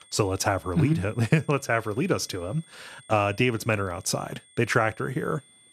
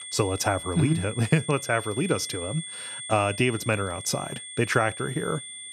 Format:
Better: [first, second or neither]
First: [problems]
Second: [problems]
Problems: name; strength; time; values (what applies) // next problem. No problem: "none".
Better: first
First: high-pitched whine; faint; throughout; 3.5 kHz, 25 dB below the speech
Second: high-pitched whine; loud; throughout; 3.5 kHz, 10 dB below the speech